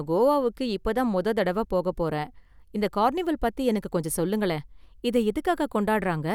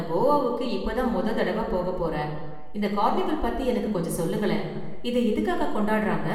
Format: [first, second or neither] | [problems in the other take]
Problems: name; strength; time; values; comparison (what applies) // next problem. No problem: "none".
first | room echo; dies away in 1.2 s